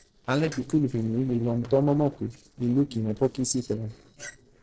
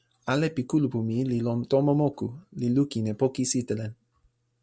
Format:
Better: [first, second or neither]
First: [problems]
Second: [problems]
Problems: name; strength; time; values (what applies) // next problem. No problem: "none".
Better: second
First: noise reduction (neural separator model SepFormer DNS4)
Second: none